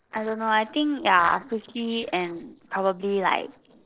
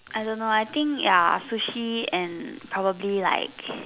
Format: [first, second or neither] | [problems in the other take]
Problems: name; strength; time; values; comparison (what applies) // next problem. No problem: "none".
second | noise reduction (neural separator model SepFormer DNS4)